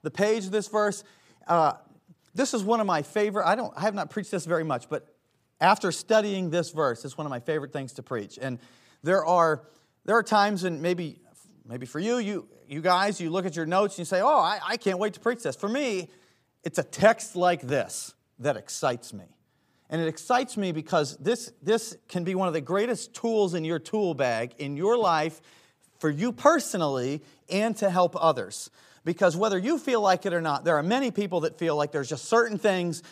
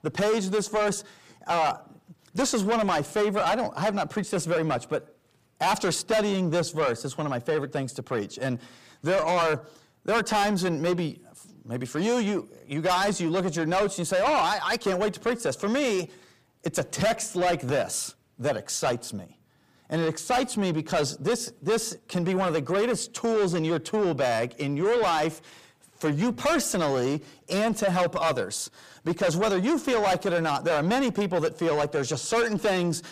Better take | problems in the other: first | distortion; heavy; 6 dB below the speech

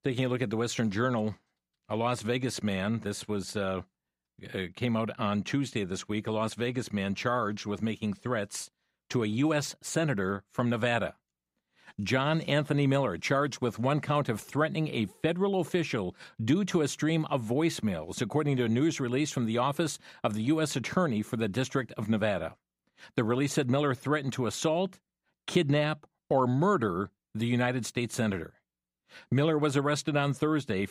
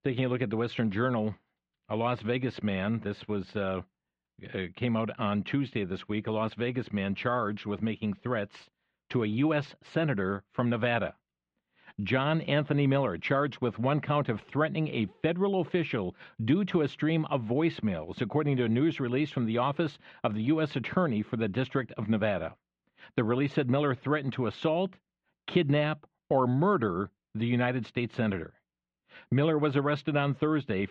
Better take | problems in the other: first | muffled; very; fading above 3 kHz

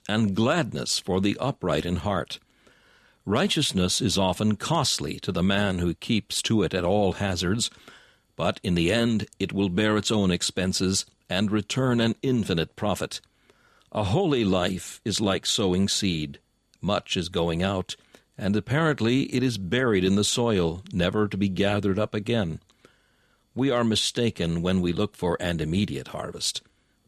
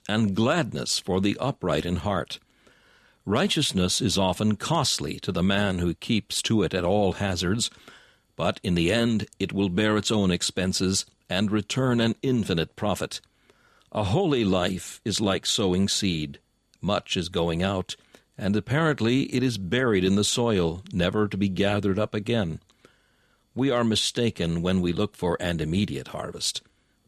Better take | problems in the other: neither | none

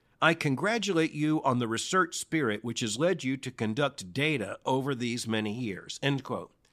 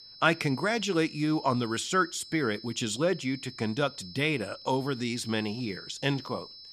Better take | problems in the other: first | high-pitched whine; noticeable; throughout; 5 kHz, 15 dB below the speech

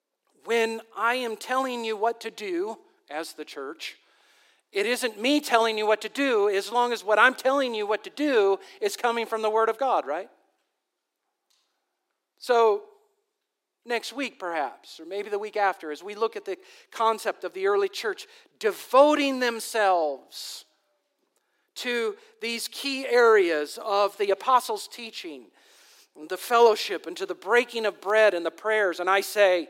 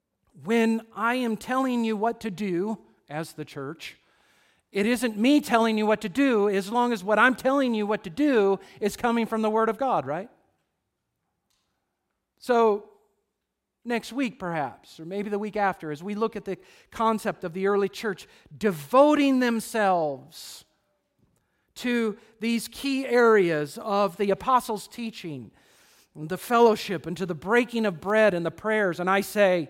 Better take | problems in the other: second | thin; somewhat; fading below 300 Hz

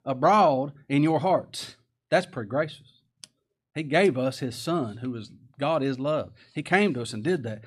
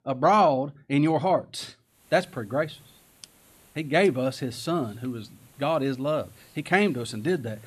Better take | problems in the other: first | hiss; faint; from 2 s on; 30 dB below the speech

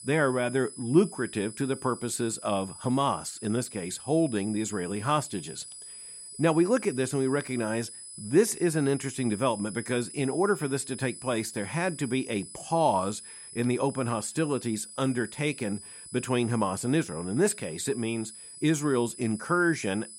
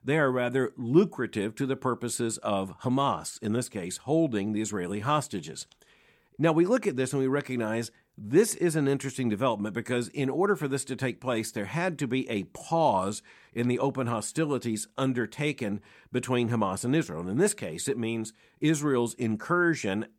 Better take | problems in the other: second | high-pitched whine; noticeable; throughout; 10 kHz, 15 dB below the speech

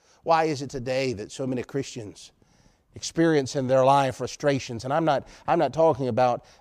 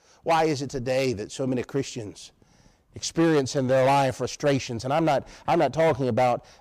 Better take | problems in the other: first | distortion; slight; 7% of the sound clipped

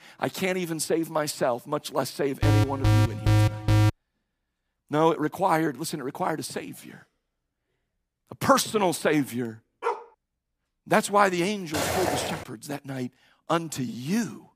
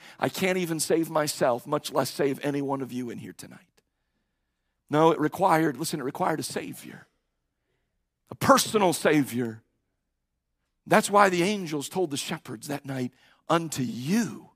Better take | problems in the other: second | alarm; loud; from 2.5 to 4 s; peak 5 dB above the speech // dog barking; noticeable; at 10 s; peak 5 dB below the speech // footsteps; loud; at 12 s; peak 1 dB above the speech

